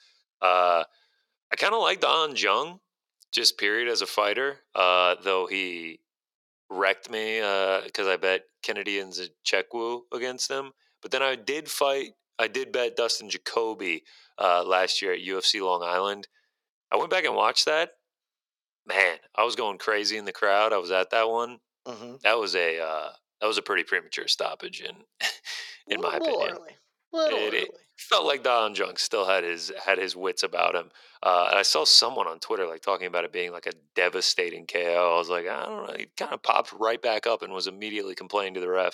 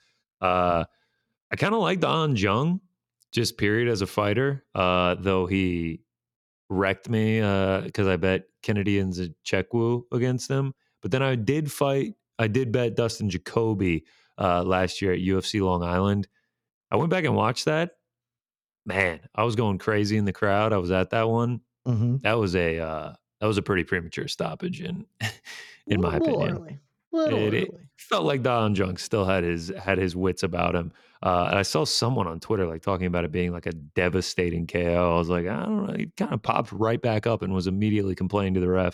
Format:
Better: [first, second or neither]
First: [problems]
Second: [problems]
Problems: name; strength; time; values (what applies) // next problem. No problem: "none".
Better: second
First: thin; very; fading below 500 Hz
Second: none